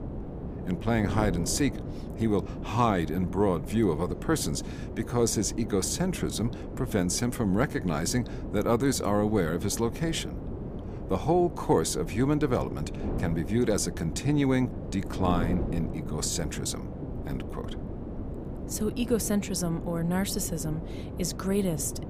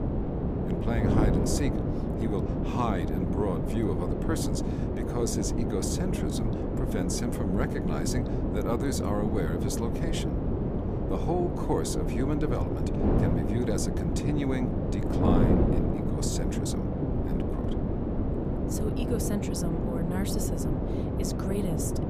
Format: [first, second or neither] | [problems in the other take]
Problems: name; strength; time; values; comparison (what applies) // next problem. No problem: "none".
first | wind noise on the microphone; heavy; 1 dB above the speech; occasional gusts in the first